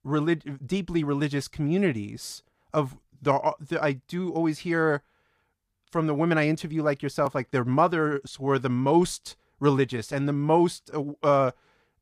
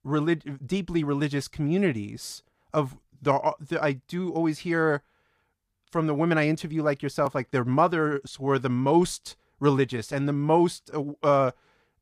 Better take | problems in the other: neither | none

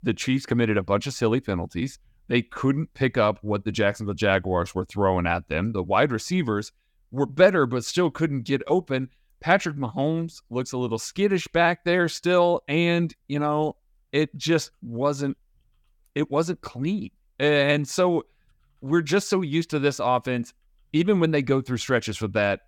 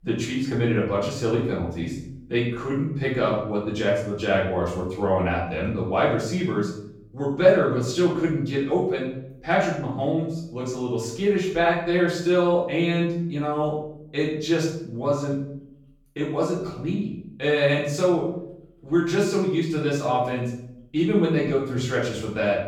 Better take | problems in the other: first | room echo; noticeable; dies away in 0.6 s // off-mic speech; far

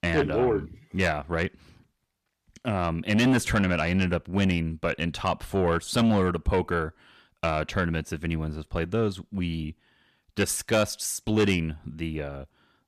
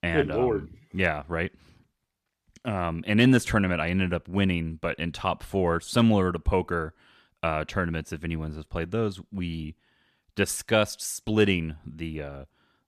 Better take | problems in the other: second | distortion; slight; 10 dB below the speech

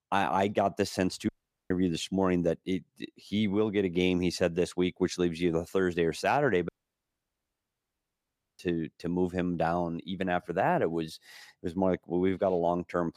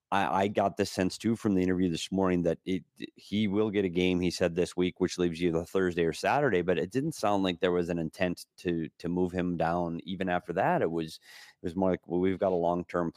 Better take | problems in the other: second | audio cutting out; at 1.5 s and at 6.5 s for 2 s

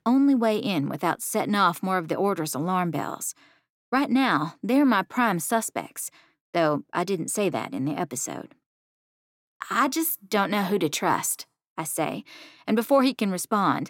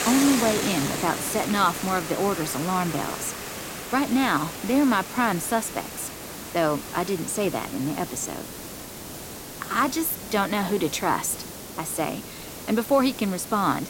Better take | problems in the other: first | hiss; loud; throughout; 7 dB below the speech

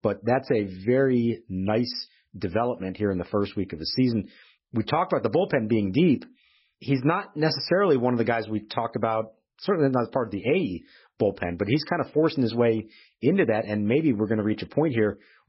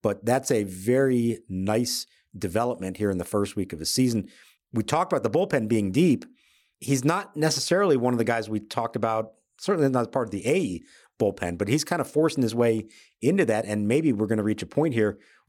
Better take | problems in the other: second | garbled, watery; badly; nothing above 5.5 kHz

